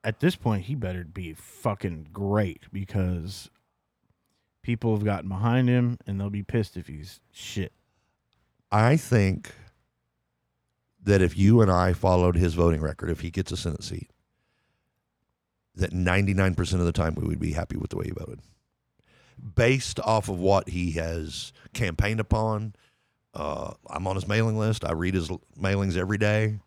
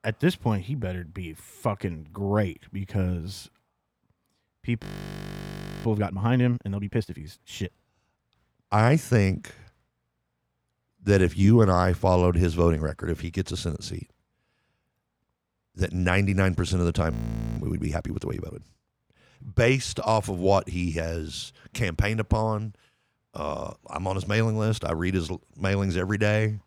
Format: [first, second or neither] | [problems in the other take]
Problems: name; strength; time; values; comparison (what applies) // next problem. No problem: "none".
first | audio freezing; at 5 s for 1 s and at 17 s